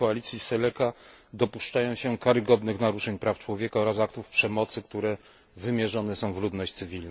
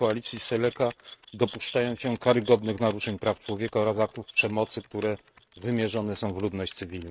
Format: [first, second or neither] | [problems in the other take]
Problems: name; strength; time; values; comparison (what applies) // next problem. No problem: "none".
first | noise reduction (neural mask model RNNoise)